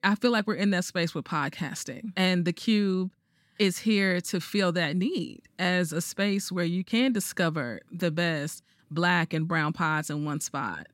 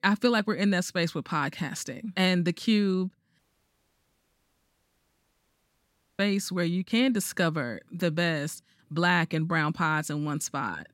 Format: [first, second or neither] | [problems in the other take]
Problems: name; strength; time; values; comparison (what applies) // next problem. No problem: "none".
first | audio cutting out; at 3.5 s for 3 s